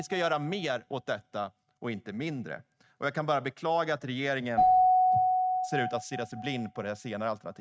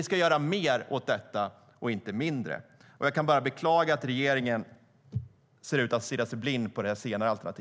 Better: second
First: noise reduction (neural mask model RNNoise)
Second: none

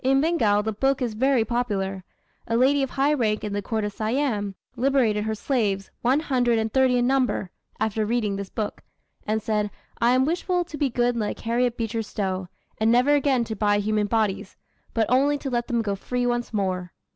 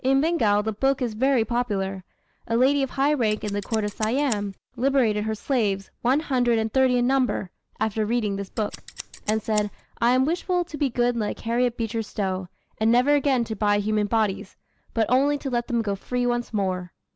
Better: first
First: none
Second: background sound (Scissors); 14 dB below the speech

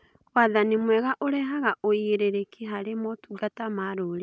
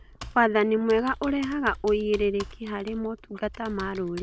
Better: first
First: none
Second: background sound (Computer keyboard); 17 dB below the speech

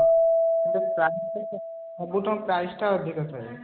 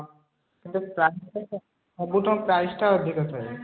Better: second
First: background sound (Keyboard (musical)); 3 dB above the speech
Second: none

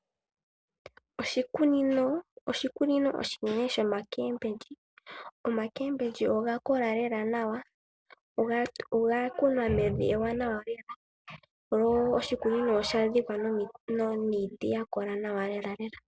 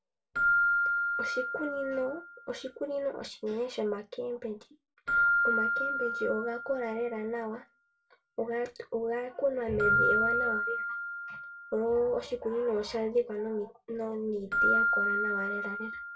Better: first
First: none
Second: background sound (Keyboard (musical)); 2 dB above the speech // room echo; dies away in 0.2 s

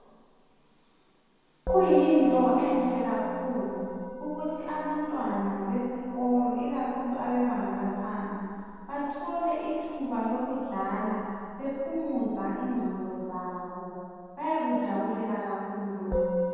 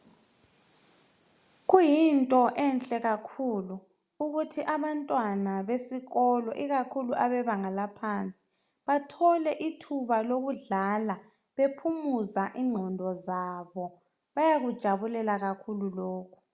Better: second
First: background sound (Musical instrument); 8 dB below the speech // room echo; dies away in 2.1 s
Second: none

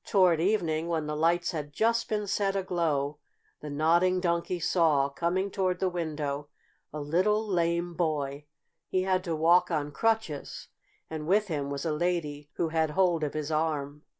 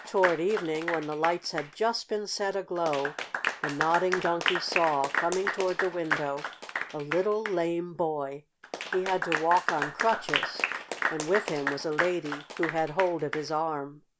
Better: first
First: none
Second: background sound (Applause / Clapping); 5 dB below the speech

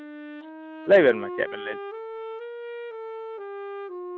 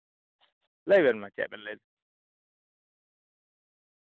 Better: second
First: background sound (Wind instrument, woodwind instrument); 9 dB below the speech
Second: none

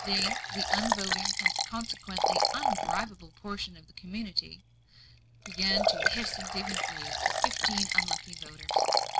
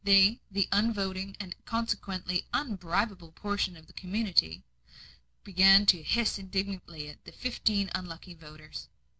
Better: second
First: background sound (Liquid); 5 dB above the speech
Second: none

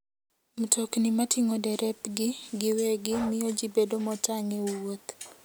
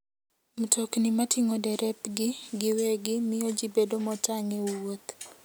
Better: second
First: background sound (Breathing); 20 dB below the speech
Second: none

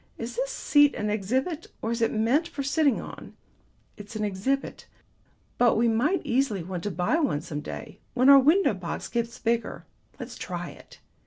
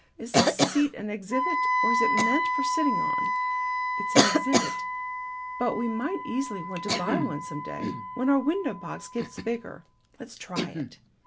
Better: first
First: none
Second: background sound (Wind instrument, woodwind instrument + Cough); 3 dB above the speech

